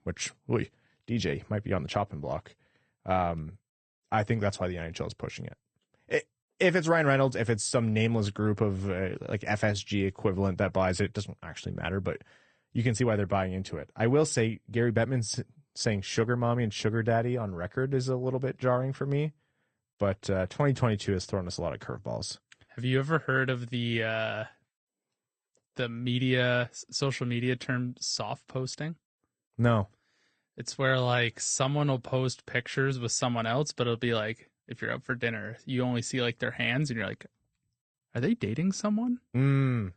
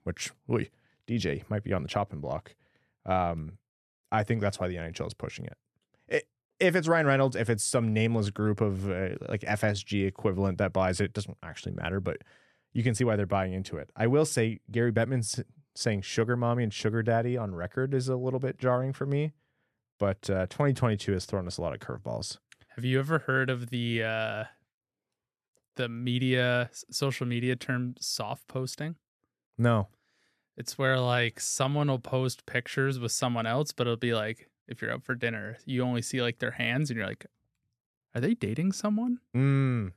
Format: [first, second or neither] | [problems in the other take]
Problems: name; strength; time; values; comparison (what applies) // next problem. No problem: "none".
second | garbled, watery; slightly; nothing above 8.5 kHz